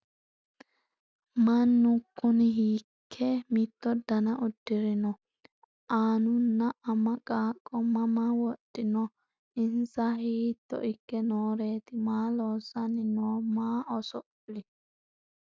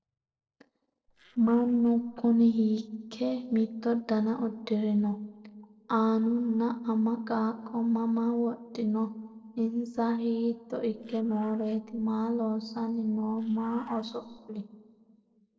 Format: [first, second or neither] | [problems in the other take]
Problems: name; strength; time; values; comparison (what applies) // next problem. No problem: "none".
first | noise reduction (neural separator model SepFormer DNS4)